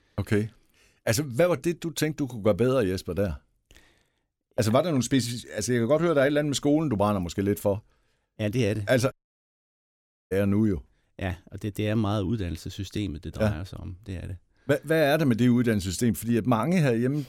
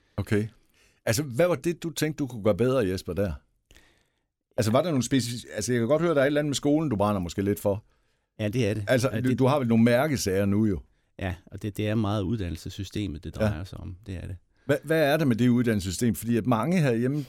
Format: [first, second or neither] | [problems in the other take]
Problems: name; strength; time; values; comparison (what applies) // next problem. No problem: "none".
second | audio cutting out; at 9 s for 1 s